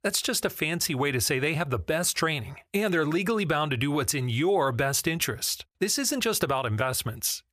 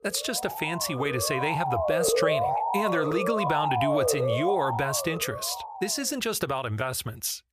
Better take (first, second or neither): first